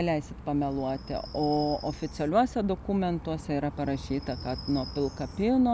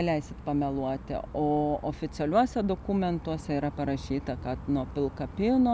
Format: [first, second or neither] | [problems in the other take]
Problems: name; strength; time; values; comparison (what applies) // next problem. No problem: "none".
second | background sound (Chirp, tweet); 19 dB below the speech